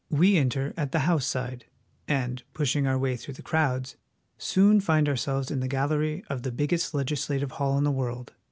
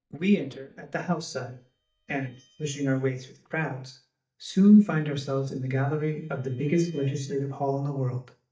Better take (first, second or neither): first